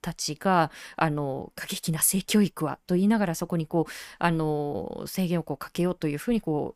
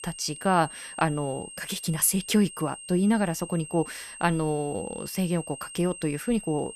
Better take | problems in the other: first | high-pitched whine; noticeable; throughout; 8.5 kHz, 15 dB below the speech

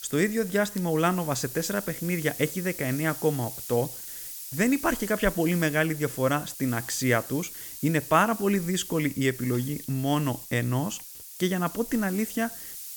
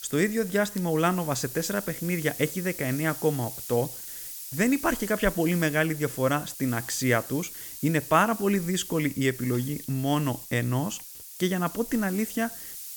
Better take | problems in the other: neither | hiss; noticeable; throughout; 10 dB below the speech; the same in both

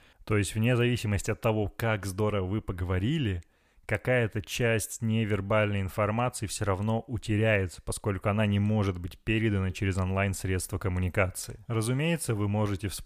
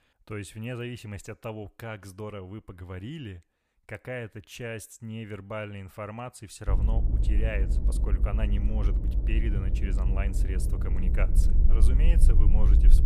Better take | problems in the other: first | low rumble; loud; from 6.5 s on; 5 dB below the speech

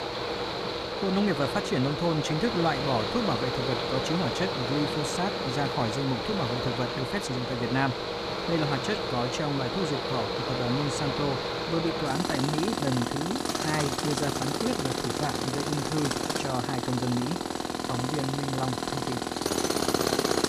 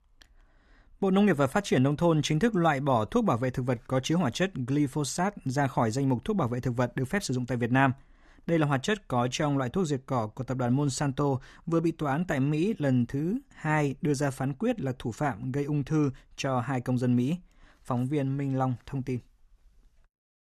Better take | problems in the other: second | machinery noise; very loud; throughout; 1 dB above the speech

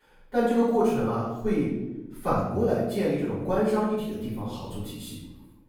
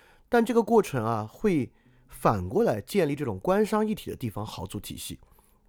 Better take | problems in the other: second | off-mic speech; far // room echo; strong; dies away in 0.9 s

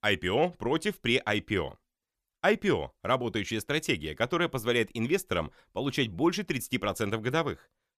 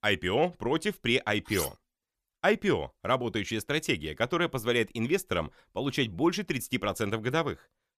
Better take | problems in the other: first | clattering dishes; noticeable; at 1.5 s; peak 7 dB below the speech

